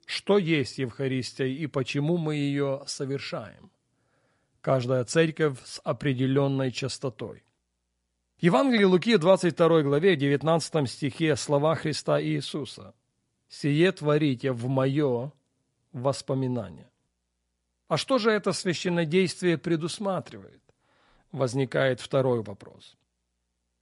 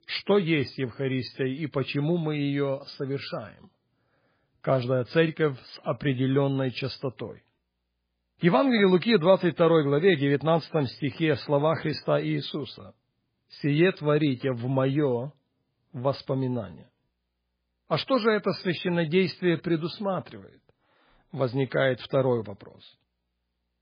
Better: first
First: garbled, watery; slightly; nothing above 11 kHz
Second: garbled, watery; badly

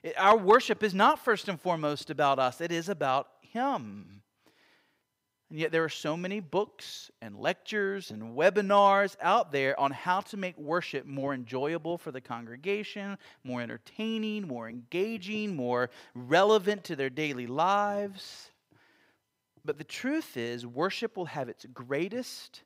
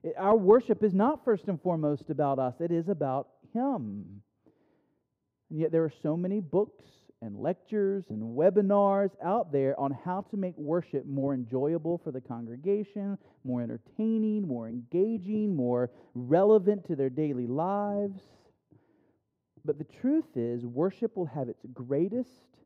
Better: first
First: none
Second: muffled; very; fading above 1 kHz

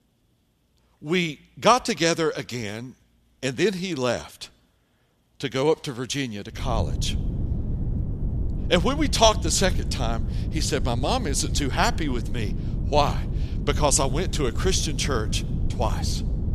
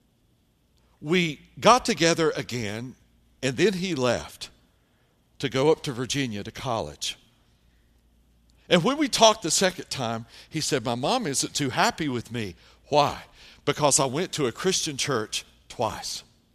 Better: second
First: wind noise on the microphone; occasional gusts; from 6.5 s on; 15 dB below the speech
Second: none

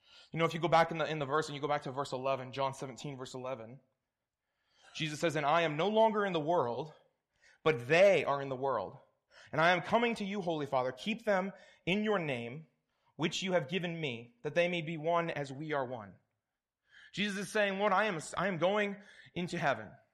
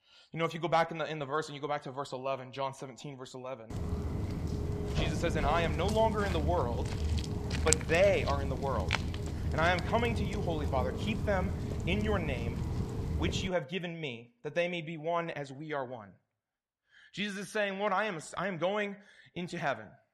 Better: first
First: none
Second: footsteps; loud; from 3.5 to 13 s; peak 4 dB above the speech

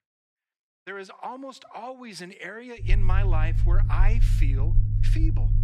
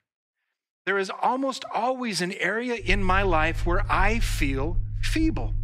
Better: second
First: low rumble; loud; from 3 s on; 6 dB below the speech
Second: low rumble; faint; from 3 s on; 25 dB below the speech

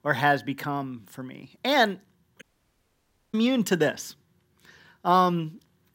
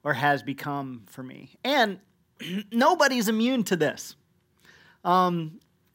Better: second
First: audio cutting out; at 2.5 s for 1 s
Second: none

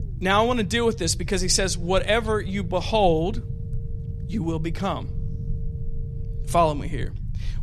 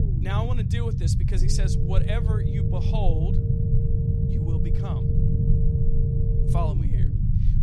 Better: first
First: low rumble; faint; throughout; 25 dB below the speech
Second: low rumble; loud; throughout; 1 dB below the speech

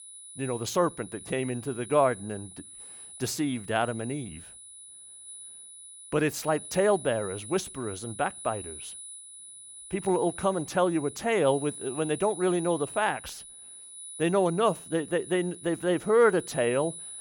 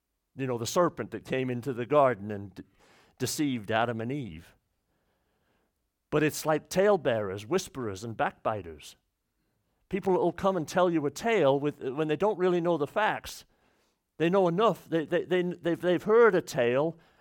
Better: second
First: high-pitched whine; noticeable; throughout; 10 kHz, 15 dB below the speech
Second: none

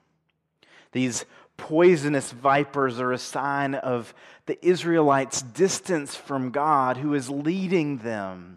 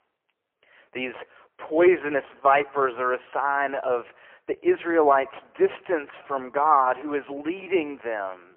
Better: first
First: none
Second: phone-call audio; poor line

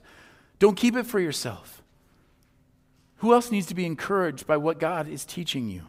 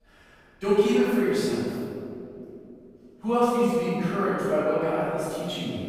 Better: first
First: none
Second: room echo; strong; dies away in 2.4 s // off-mic speech; far

